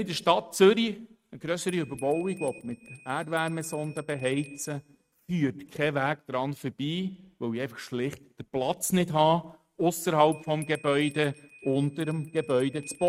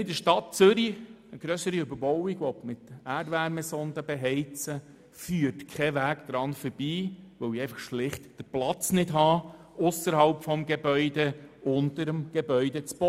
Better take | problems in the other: second | noise reduction (neural mask model RNNoise)

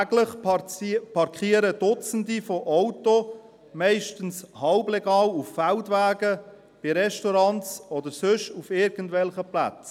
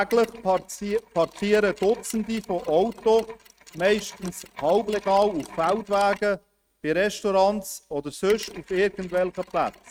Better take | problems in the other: first | noise reduction (neural mask model RNNoise)

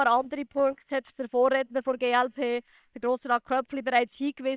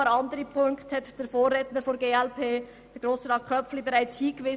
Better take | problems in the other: second | noise reduction (neural separator model SepFormer WHAM!)

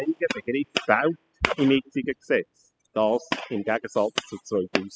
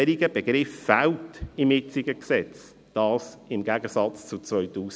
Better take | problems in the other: second | noise reduction (classical method spectral subtraction)

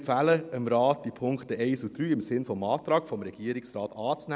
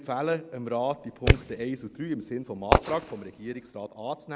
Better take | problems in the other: first | background sound (Fireworks); 4 dB above the speech

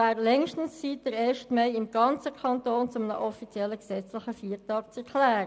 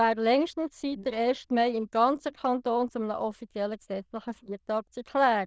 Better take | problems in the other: first | noise reduction (neural diffusion model UNIVERSE++)

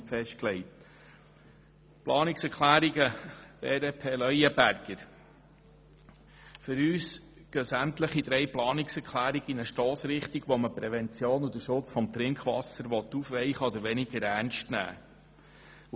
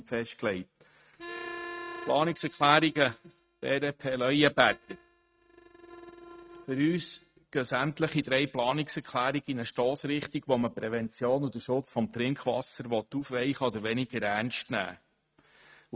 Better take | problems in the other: first | noise reduction (neural mask model RNNoise)

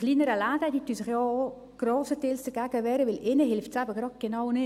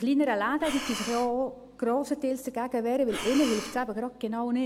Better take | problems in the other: first | background sound (Breathing); 11 dB below the speech

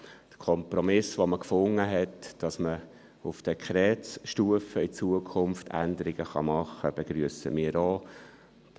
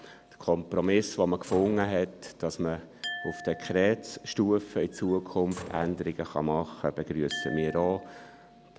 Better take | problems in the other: first | background sound (Glass + Slam); 16 dB below the speech

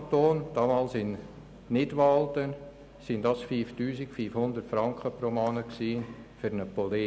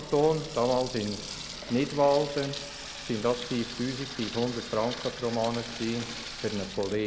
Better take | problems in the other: first | background sound (Sink (filling or washing) / Water tap, faucet); 11 dB below the speech

